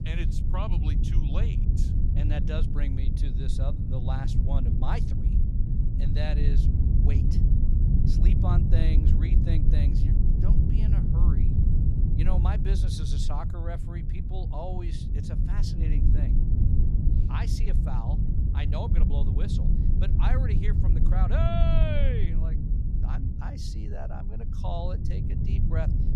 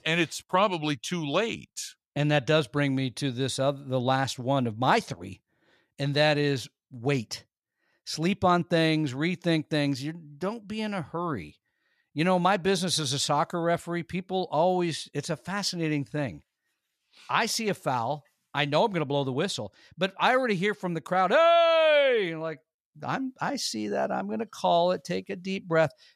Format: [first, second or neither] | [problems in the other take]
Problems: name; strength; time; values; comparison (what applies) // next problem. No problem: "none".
second | low rumble; loud; throughout; 1 dB below the speech